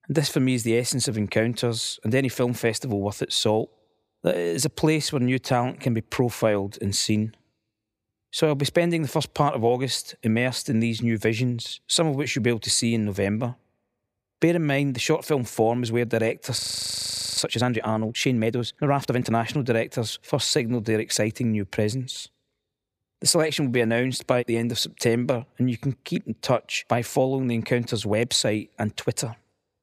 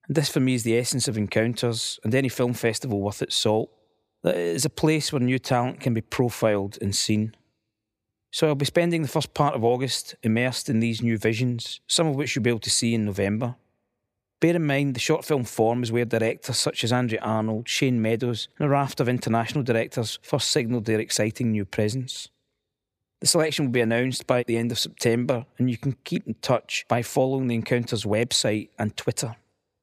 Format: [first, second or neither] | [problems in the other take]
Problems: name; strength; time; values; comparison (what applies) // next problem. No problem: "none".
second | audio freezing; at 17 s for 1 s